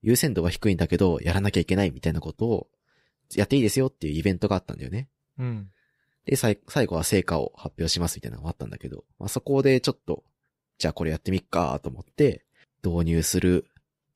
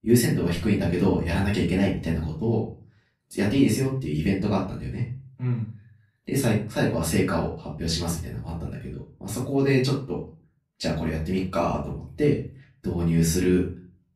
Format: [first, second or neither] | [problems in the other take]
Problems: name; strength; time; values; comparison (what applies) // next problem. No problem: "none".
first | off-mic speech; far // room echo; slight; dies away in 0.3 s